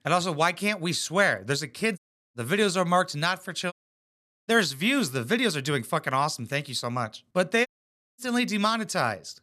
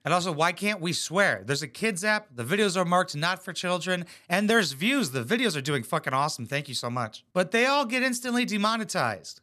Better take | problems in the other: second | audio cutting out; at 2 s, at 3.5 s for 1 s and at 7.5 s for 0.5 s

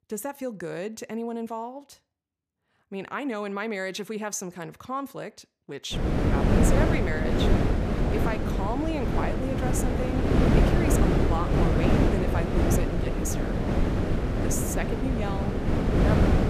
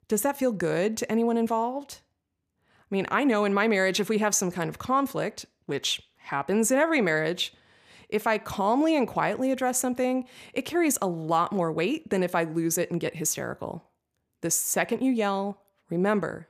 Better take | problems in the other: second | wind noise on the microphone; heavy; from 6 s on; 4 dB above the speech

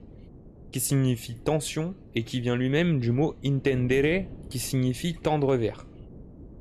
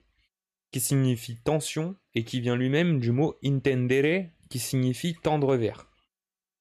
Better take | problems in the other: second | wind noise on the microphone; occasional gusts; 25 dB below the speech

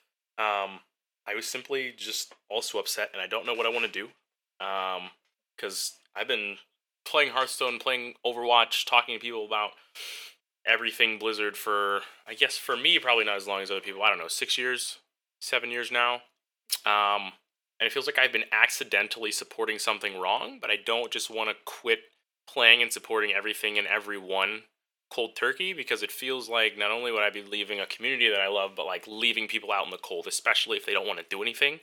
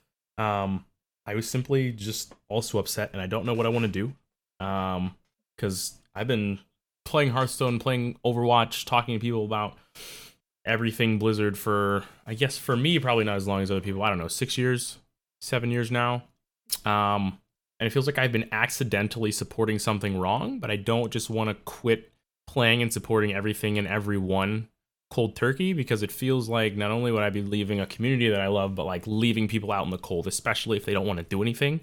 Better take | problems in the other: second | thin; very; fading below 400 Hz

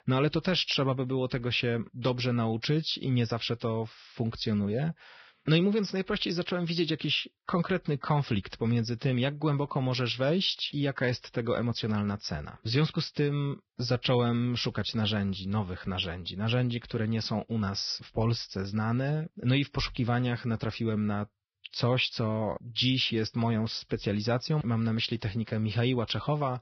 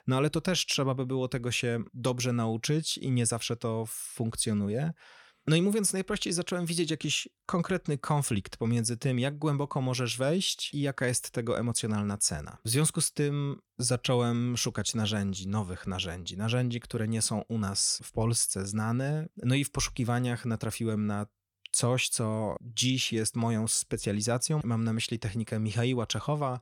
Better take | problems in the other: second | garbled, watery; badly; nothing above 5.5 kHz

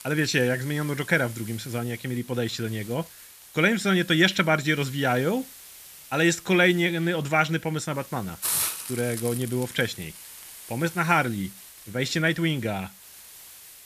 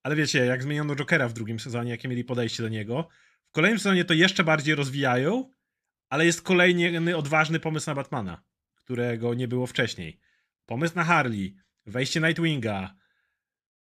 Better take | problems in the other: second | hiss; noticeable; throughout; 10 dB below the speech

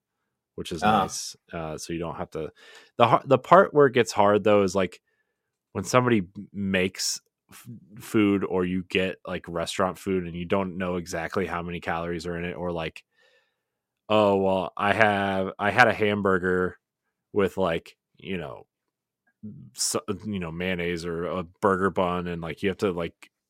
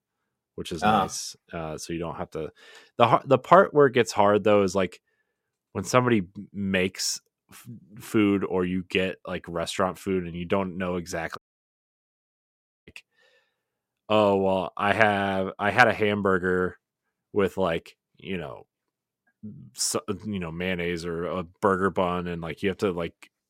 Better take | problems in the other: first | audio cutting out; at 11 s for 1.5 s

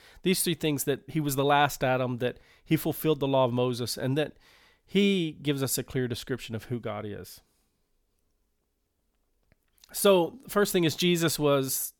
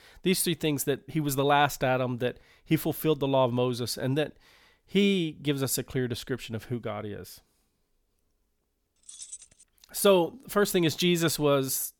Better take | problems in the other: first | jangling keys; faint; at 9 s; peak 15 dB below the speech

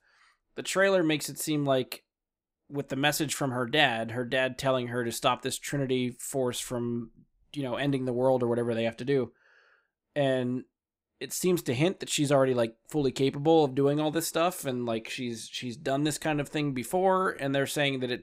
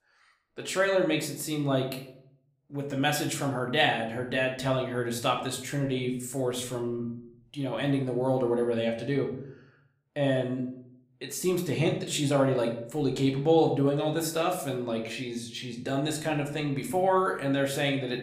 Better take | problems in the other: first | room echo; slight; dies away in 0.5 s // off-mic speech; somewhat distant

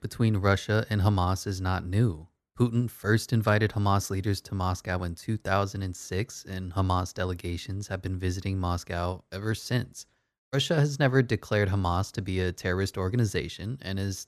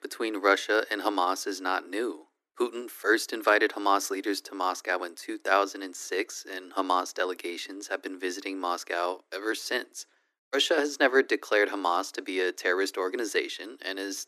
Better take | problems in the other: first | thin; very; fading below 300 Hz

